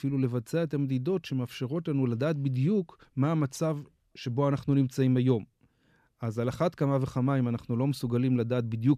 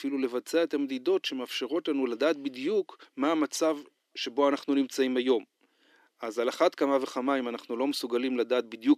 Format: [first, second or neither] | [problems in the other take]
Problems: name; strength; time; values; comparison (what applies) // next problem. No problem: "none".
first | thin; somewhat; fading below 300 Hz